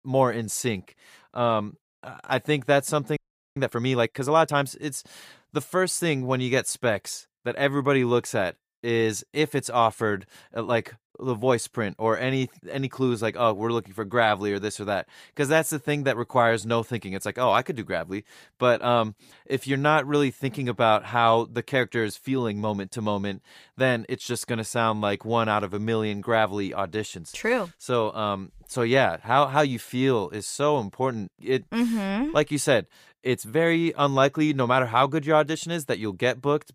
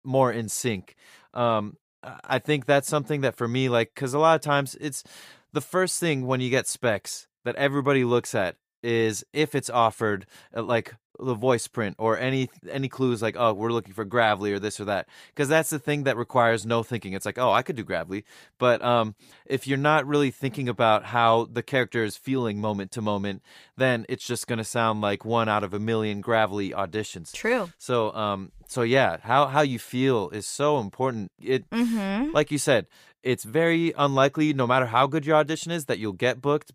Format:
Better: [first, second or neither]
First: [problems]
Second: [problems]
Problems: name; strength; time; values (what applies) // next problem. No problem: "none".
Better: second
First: audio freezing; at 3 s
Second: none